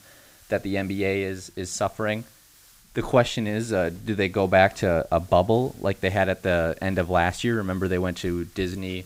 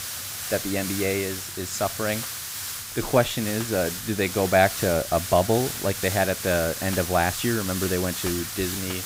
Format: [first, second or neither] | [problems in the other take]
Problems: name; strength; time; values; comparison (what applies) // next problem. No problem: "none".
first | hiss; loud; throughout; 5 dB below the speech; faint in the first